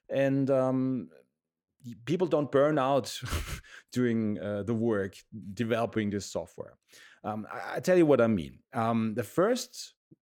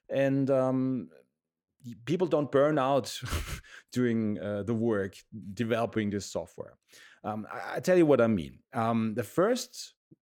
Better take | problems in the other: neither | none

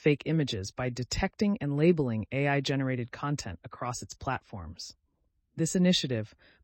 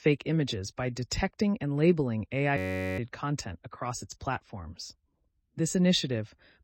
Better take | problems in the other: first | audio freezing; at 2.5 s

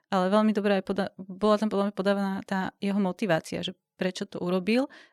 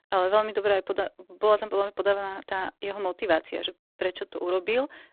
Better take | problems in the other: first | phone-call audio; poor line

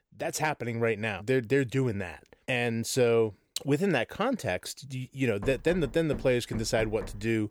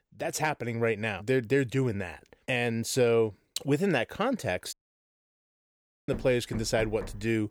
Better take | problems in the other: first | audio cutting out; at 4.5 s for 1.5 s

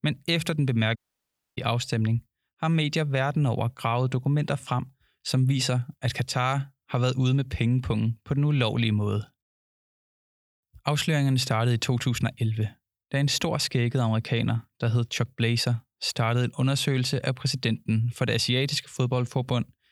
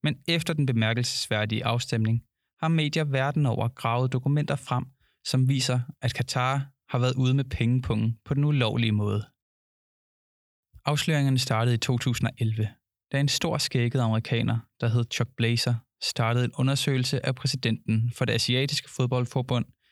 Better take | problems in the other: second | audio cutting out; at 1 s for 0.5 s

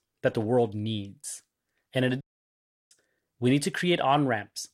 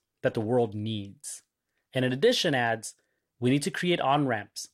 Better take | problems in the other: second | audio cutting out; at 2 s for 0.5 s

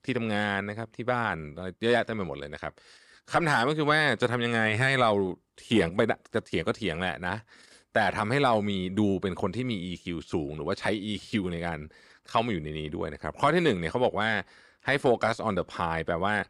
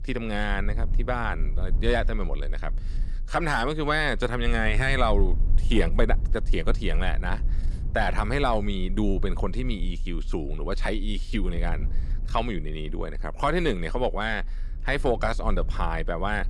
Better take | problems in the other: first | low rumble; faint; throughout; 25 dB below the speech

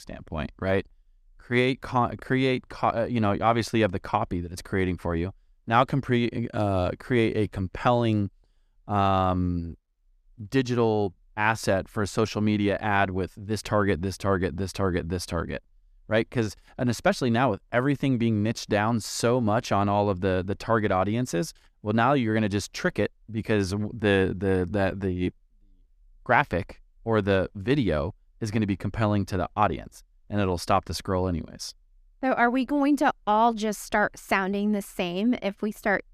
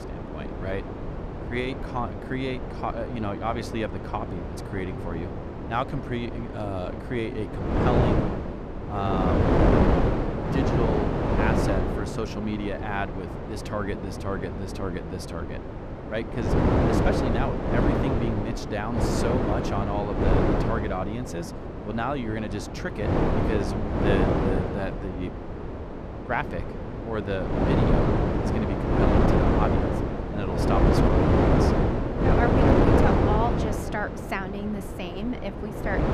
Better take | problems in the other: first | wind noise on the microphone; heavy; 3 dB above the speech

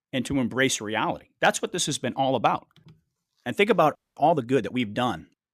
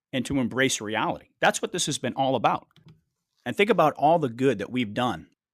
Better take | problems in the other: second | audio freezing; at 4 s

